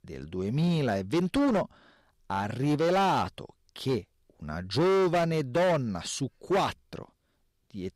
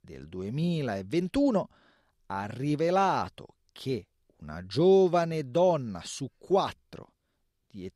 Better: second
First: distortion; heavy; 12% of the sound clipped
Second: none

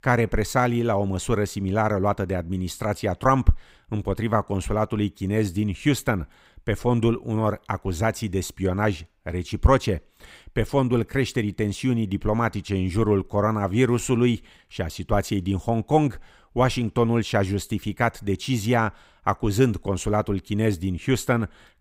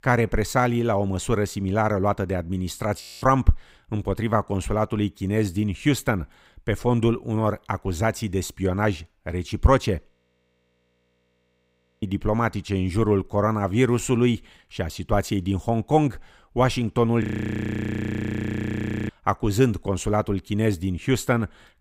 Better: first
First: none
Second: audio freezing; at 3 s, at 10 s for 2 s and at 17 s for 2 s

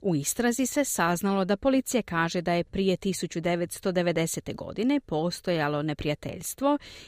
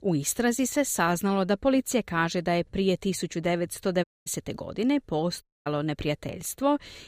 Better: first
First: none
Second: audio cutting out; at 4 s and at 5.5 s

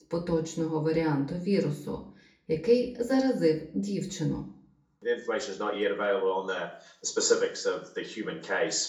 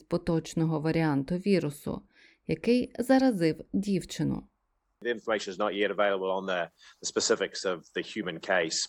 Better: second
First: room echo; slight; dies away in 0.4 s // off-mic speech; far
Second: none

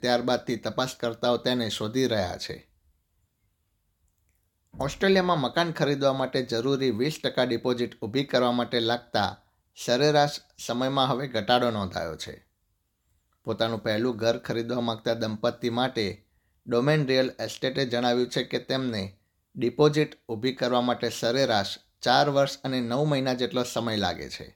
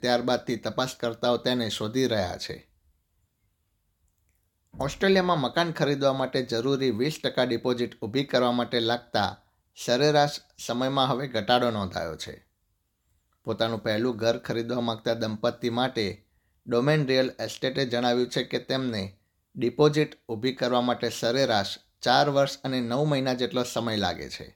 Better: neither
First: none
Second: none

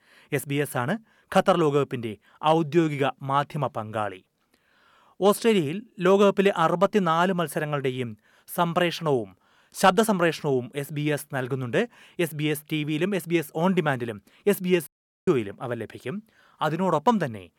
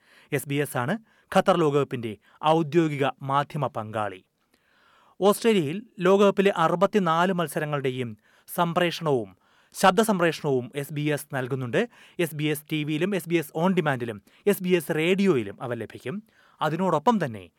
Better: second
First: audio cutting out; at 15 s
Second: none

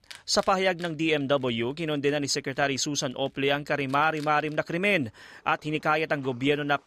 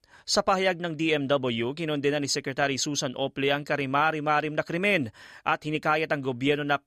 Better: second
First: animal sounds; faint; throughout; 25 dB below the speech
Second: none

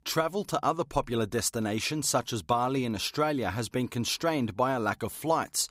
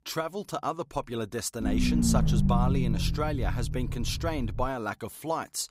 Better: first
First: none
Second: low rumble; loud; from 1.5 to 4.5 s; 4 dB below the speech

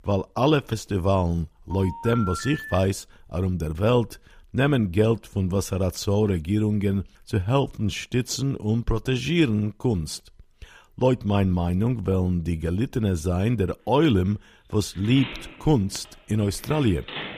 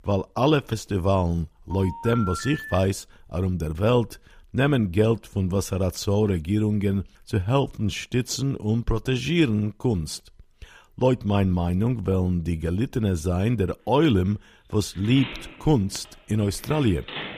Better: neither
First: phone ringing; noticeable; from 1.5 to 3 s and from 15 s on; peak 8 dB below the speech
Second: phone ringing; noticeable; from 1.5 to 3 s and from 15 s on; peak 8 dB below the speech

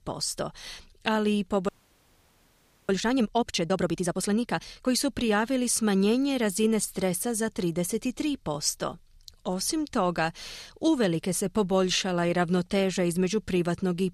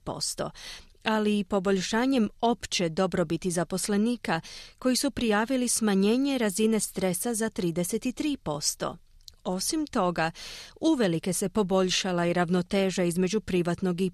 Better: second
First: audio freezing; at 1.5 s for 1 s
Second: none

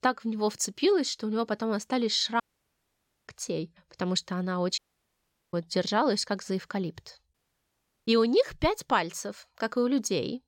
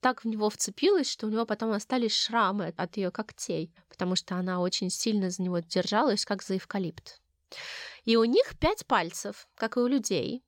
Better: second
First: audio cutting out; at 2.5 s for 1 s, at 5 s for 1 s and at 7.5 s for 0.5 s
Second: none

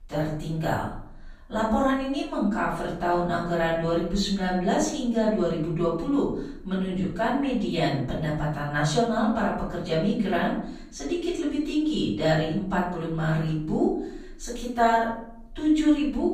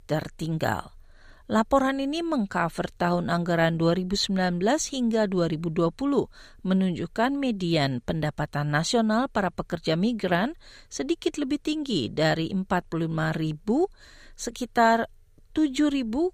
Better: second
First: off-mic speech; far // room echo; noticeable; dies away in 0.6 s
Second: none

